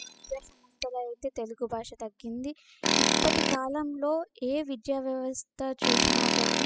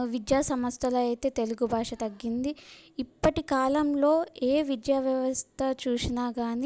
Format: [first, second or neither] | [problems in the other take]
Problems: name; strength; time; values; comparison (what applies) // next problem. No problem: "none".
second | noise reduction (classical method spectral subtraction)